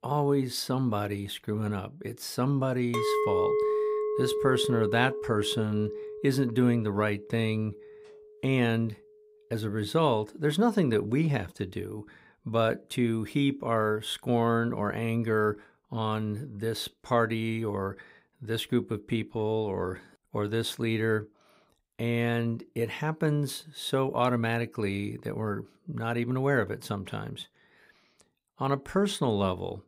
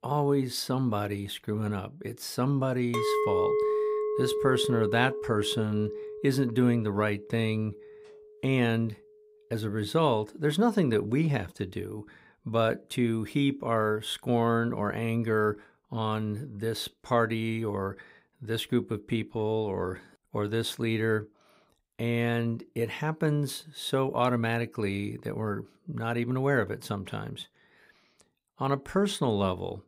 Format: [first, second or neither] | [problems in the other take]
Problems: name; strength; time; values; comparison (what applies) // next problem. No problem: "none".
neither | clattering dishes; loud; from 3 to 7 s; peak 3 dB above the speech; the same in both